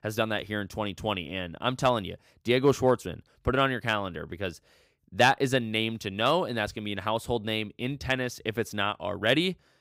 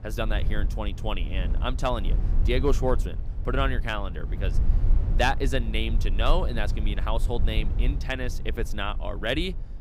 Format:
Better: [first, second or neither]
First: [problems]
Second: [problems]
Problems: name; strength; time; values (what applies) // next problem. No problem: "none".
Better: first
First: none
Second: low rumble; noticeable; throughout; 15 dB below the speech